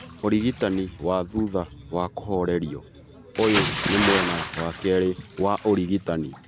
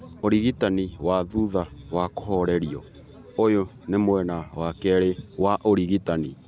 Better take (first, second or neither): second